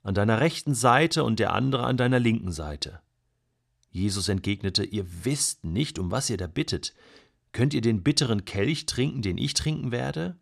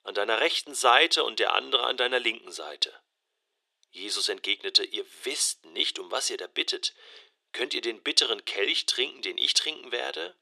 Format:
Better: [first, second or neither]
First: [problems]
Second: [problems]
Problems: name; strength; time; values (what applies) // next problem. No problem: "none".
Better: first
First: none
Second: thin; very; fading below 400 Hz